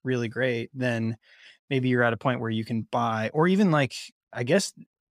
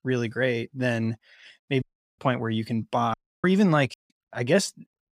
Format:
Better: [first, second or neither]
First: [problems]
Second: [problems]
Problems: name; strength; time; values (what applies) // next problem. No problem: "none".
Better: first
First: none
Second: audio cutting out; at 2 s, at 3 s and at 4 s